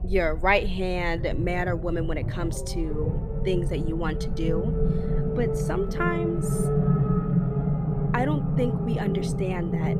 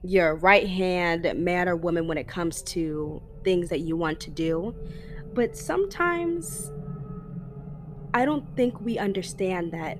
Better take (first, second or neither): second